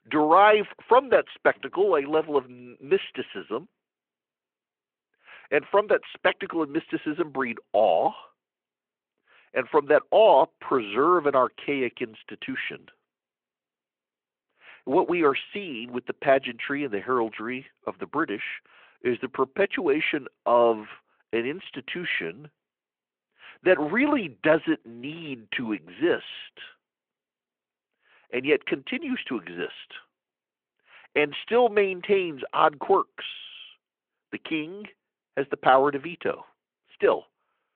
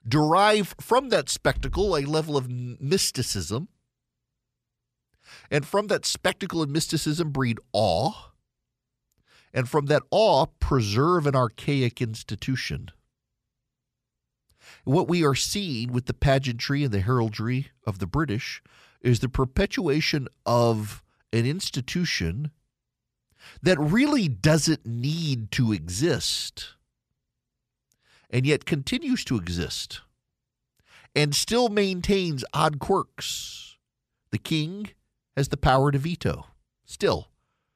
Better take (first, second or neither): second